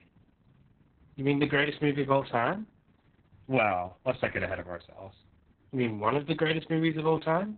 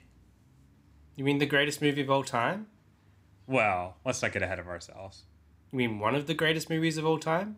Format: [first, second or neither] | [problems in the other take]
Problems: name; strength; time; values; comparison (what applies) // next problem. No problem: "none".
second | garbled, watery; badly; nothing above 4 kHz